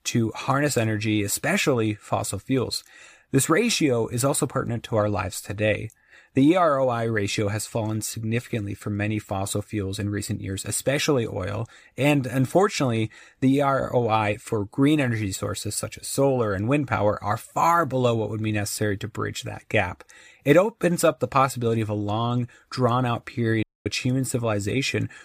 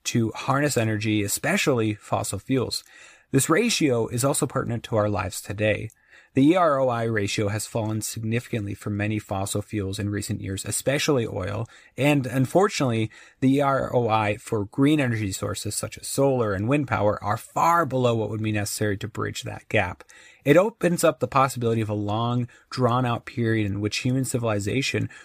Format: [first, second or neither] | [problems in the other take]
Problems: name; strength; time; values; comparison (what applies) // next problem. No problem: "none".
second | audio cutting out; at 24 s